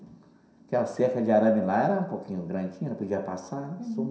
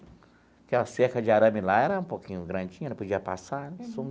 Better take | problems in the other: second | room echo; dies away in 0.7 s

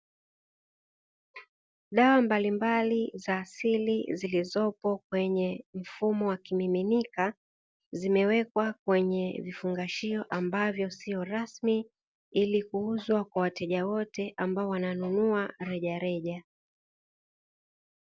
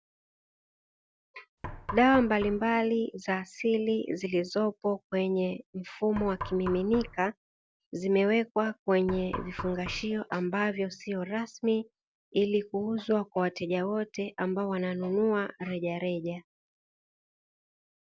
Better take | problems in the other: first | background sound (Knock); 10 dB below the speech

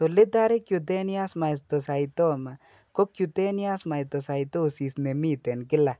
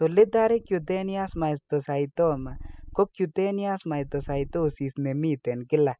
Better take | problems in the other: first | noise reduction (classical method spectral subtraction)

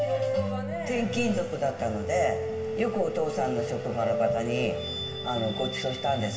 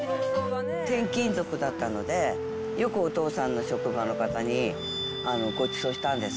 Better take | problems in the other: second | room echo; dies away in 1.4 s

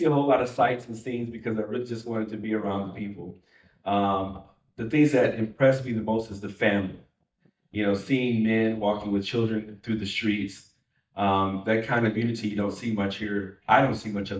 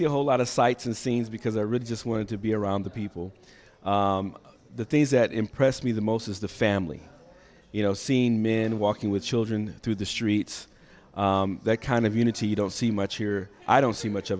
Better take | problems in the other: second | noise reduction (neural mask model DeepFilterNet 3)

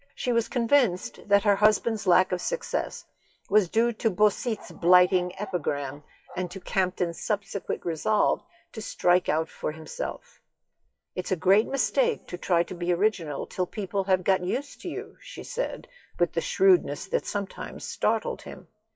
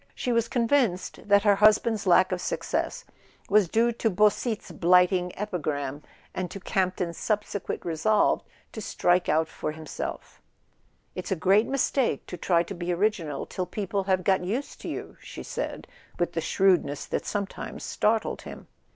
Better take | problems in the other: second | noise reduction (classical method WPE with log-MMSE)

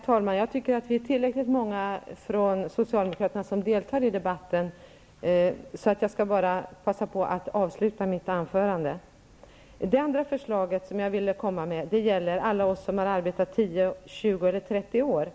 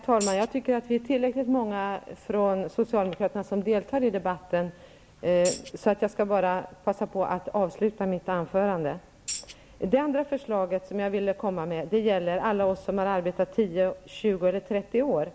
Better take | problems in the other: first | background sound (Tambourine); 12 dB below the speech

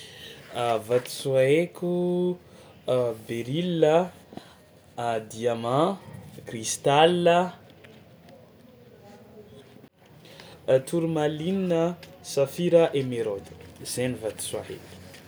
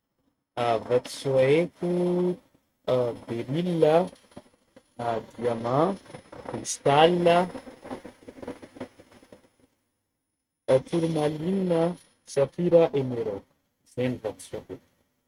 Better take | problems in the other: first | noise reduction (neural mask model RNNoise)

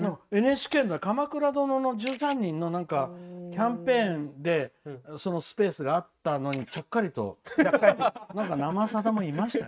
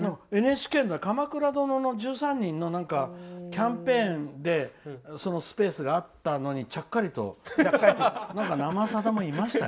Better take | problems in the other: second | noise reduction (neural mask model RNNoise)

